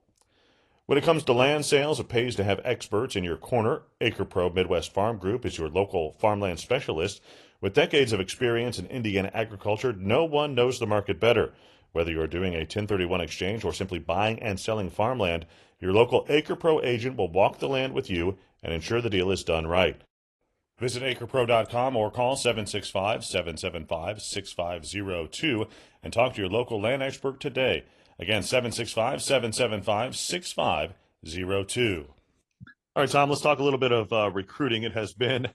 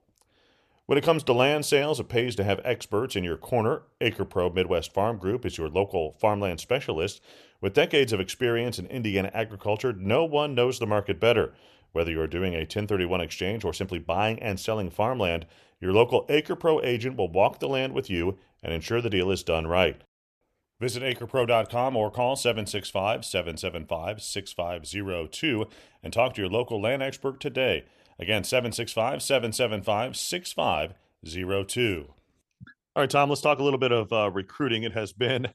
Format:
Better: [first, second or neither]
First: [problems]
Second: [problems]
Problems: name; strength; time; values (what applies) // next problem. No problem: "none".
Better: second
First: garbled, watery; slightly; nothing above 11.5 kHz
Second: none